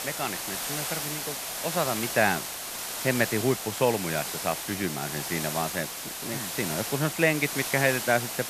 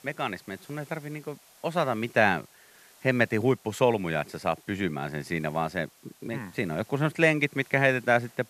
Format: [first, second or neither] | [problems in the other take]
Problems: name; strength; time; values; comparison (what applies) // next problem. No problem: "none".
second | hiss; loud; throughout; 3 dB below the speech; faint in the second